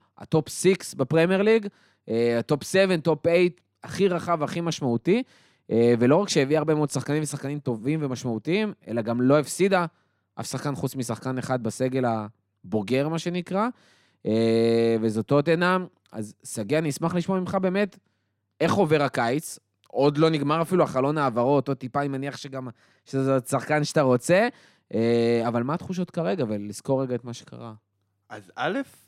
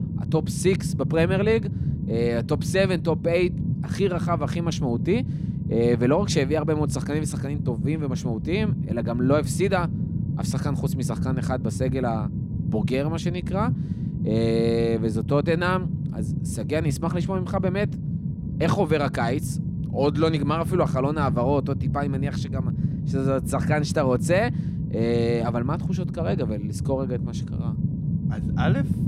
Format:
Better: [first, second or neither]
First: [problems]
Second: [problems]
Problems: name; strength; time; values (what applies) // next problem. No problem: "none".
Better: first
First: none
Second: low rumble; noticeable; throughout; 10 dB below the speech